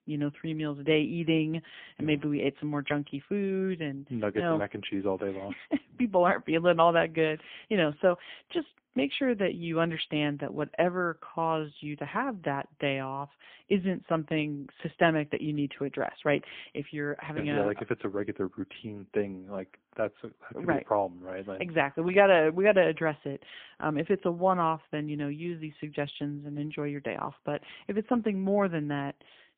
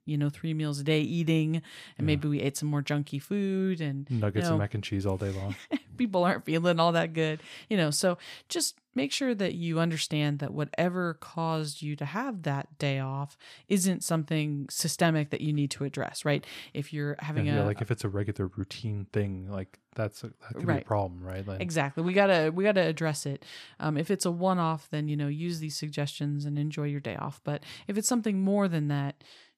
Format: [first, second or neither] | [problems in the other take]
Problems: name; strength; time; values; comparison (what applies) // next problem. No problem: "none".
second | phone-call audio; poor line; nothing above 3.5 kHz